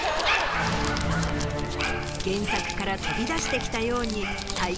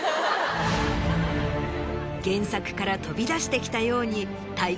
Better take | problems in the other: second | background sound (Dog + Crumpling, crinkling); 3 dB below the speech

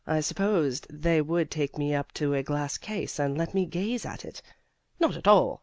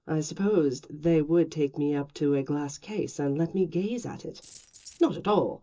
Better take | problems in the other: first | noise reduction (neural separator model SepFormer DNS4)

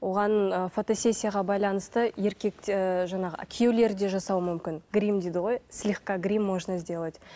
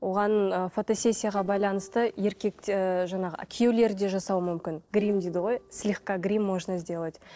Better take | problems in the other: first | noise reduction (neural separator model SepFormer DNS4)

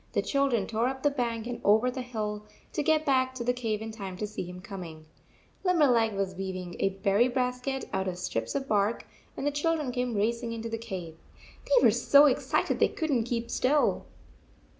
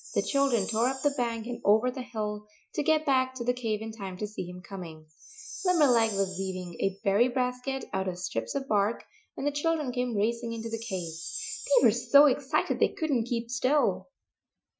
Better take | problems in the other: first | noise reduction (classical method Wiener filter)

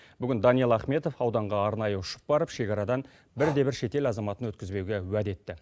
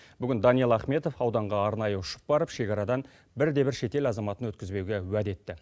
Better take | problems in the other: second | noise reduction (neural mask model Resemble Enhance denoiser)

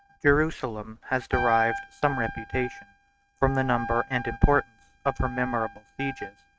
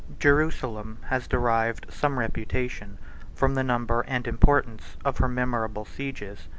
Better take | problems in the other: second | noise reduction (neural mask model RNNoise)

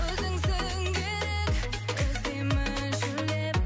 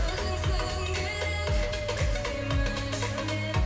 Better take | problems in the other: first | background sound (Wind); 12 dB below the speech // room echo; dies away in 2.5 s

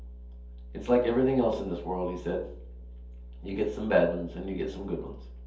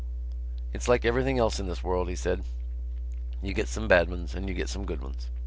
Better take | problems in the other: second | room echo; dies away in 0.5 s

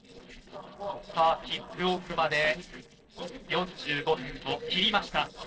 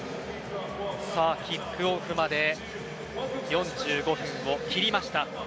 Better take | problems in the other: second | noise reduction (neural separator model SepFormer DNS4)

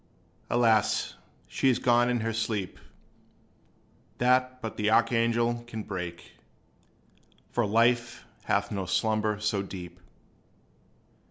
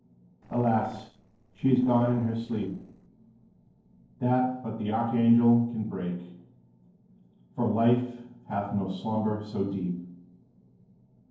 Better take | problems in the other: first | noise reduction (neural separator model SepFormer DNS4)

